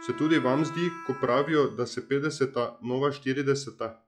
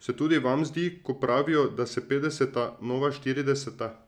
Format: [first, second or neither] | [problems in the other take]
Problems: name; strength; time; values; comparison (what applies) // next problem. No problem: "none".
second | noise reduction (classical method log-MMSE)